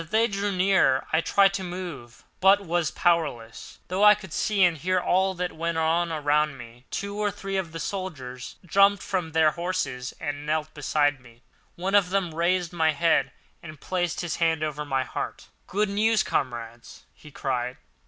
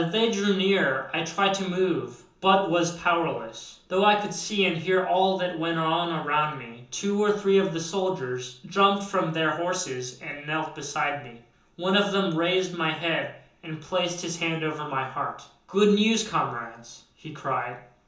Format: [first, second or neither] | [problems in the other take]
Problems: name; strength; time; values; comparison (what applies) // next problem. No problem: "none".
first | room echo; dies away in 0.6 s